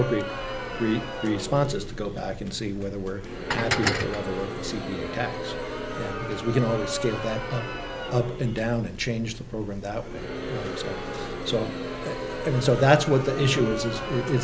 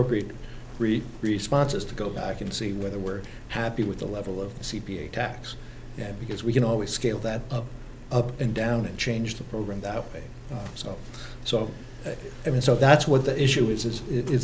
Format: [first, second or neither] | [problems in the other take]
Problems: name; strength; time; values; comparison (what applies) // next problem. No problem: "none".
second | background sound (Crowd + Dishes, pots, and pans); 6 dB below the speech